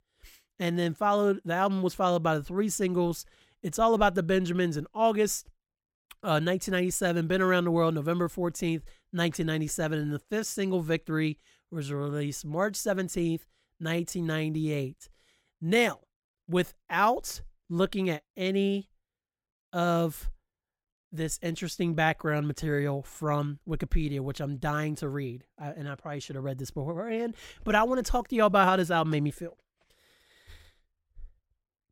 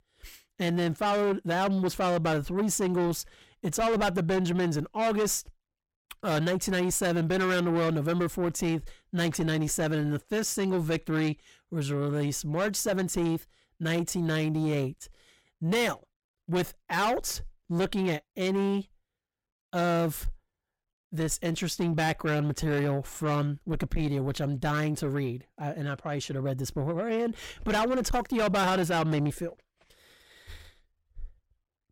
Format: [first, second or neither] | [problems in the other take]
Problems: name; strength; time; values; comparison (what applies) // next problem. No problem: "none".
first | distortion; heavy; 7 dB below the speech